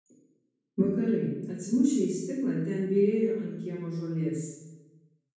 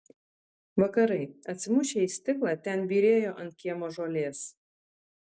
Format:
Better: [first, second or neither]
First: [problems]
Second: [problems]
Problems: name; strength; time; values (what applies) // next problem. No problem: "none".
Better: second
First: room echo; dies away in 1.1 s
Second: none